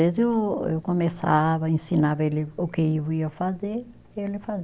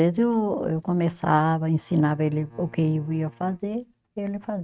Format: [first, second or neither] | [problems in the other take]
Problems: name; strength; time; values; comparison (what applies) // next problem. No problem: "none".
first | noise reduction (neural mask model RNNoise)